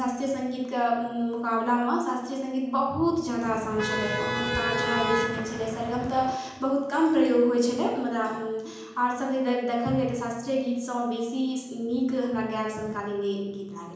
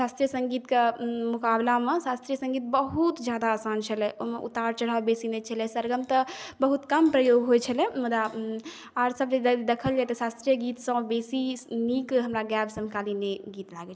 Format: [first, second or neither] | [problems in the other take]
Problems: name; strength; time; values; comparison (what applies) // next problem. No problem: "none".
second | background sound (Motor vehicle (road)); 3 dB below the speech // room echo; dies away in 1 s